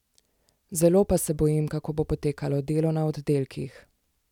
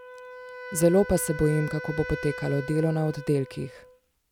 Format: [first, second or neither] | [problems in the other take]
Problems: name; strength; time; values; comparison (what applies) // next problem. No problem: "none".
first | background sound (Wind instrument, woodwind instrument); 12 dB below the speech